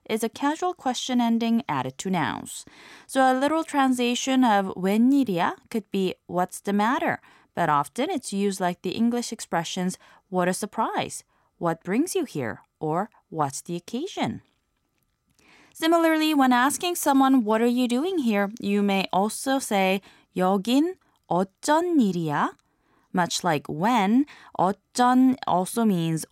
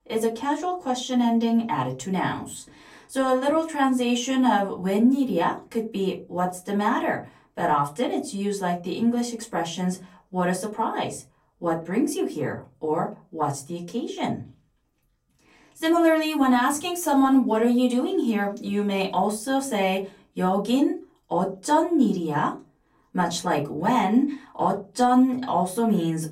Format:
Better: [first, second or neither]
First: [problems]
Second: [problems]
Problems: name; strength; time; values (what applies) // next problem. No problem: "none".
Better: first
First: none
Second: off-mic speech; far // room echo; very slight; dies away in 0.3 s